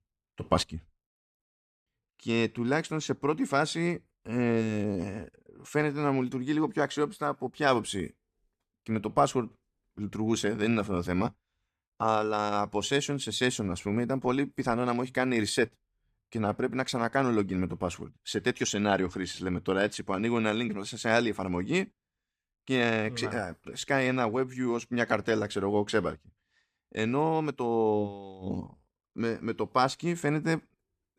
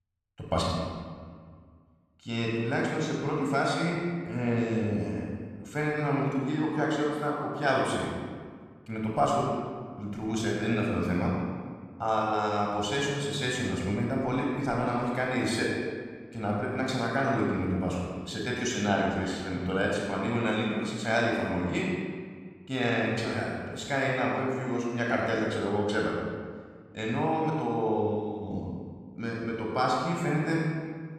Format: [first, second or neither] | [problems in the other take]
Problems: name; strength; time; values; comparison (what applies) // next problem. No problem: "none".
first | off-mic speech; somewhat distant // room echo; noticeable; dies away in 1.5 s